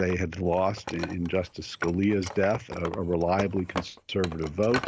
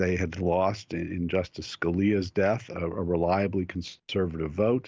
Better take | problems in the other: second | background sound (Wood); 11 dB below the speech

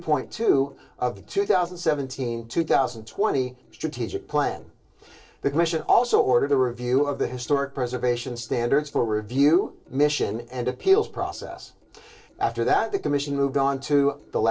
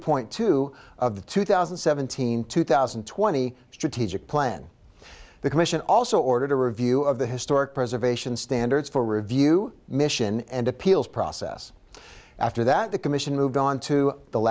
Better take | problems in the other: second | noise reduction (neural separator model SepFormer DNS4)

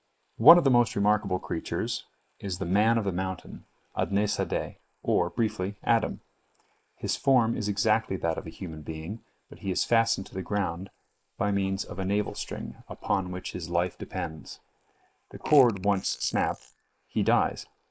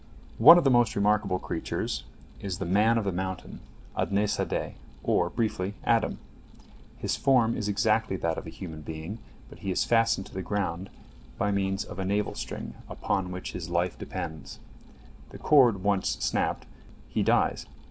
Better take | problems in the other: second | noise reduction (neural mask model Resemble Enhance denoiser)

